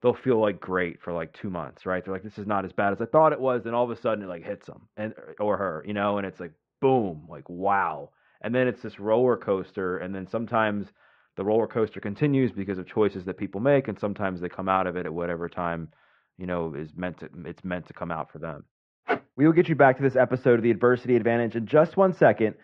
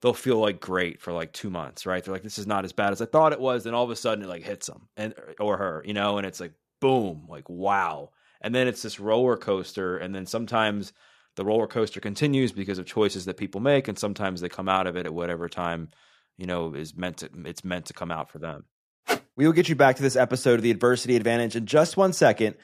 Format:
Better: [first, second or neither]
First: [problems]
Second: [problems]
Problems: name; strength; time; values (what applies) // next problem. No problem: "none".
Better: second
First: muffled; very; fading above 2 kHz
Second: none